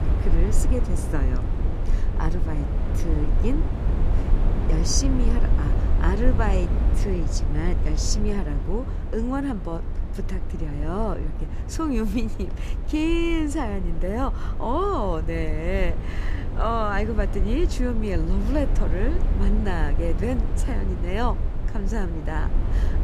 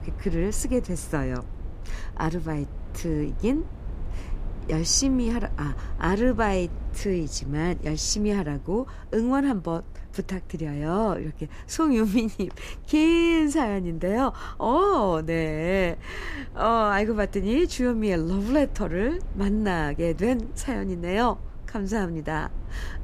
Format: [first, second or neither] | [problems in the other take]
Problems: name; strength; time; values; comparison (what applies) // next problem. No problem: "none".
second | low rumble; loud; throughout; 8 dB below the speech; faint in the second